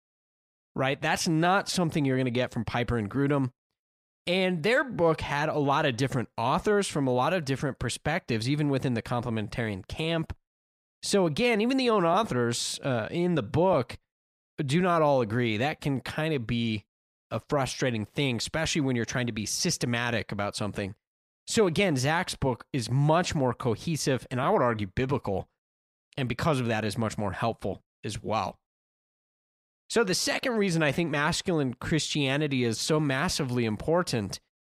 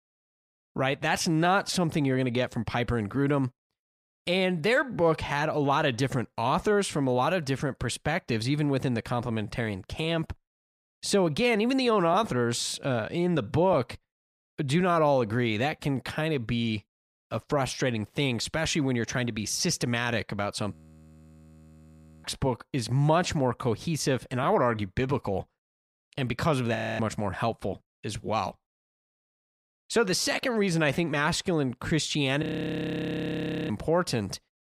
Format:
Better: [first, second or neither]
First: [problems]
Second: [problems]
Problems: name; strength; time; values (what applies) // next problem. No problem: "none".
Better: first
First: none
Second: audio freezing; at 21 s for 1.5 s, at 27 s and at 32 s for 1.5 s